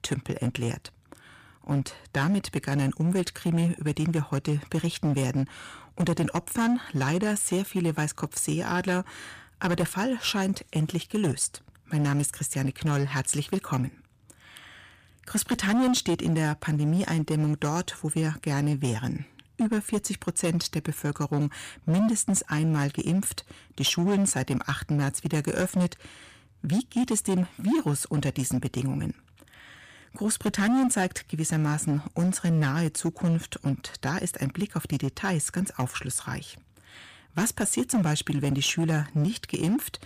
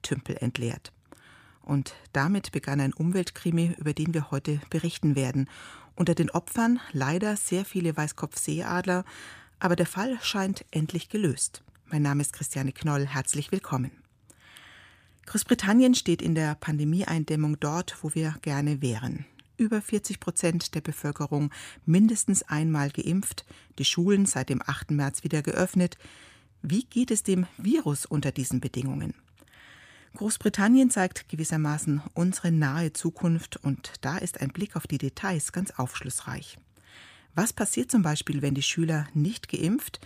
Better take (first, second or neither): second